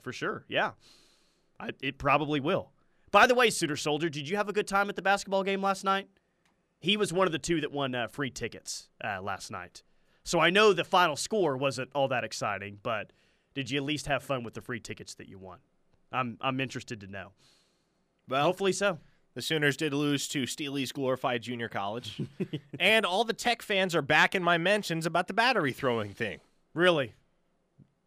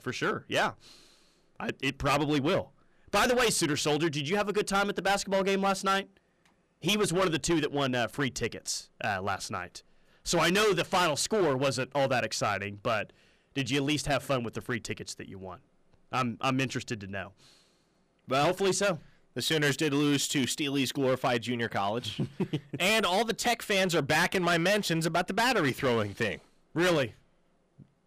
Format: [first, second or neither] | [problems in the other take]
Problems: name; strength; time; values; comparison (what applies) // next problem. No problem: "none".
first | distortion; heavy; 10% of the sound clipped